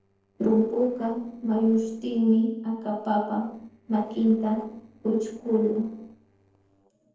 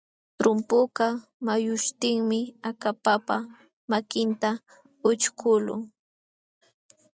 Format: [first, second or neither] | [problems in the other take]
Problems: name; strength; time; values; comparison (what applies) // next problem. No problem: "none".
second | noise reduction (neural separator model SepFormer DNS4)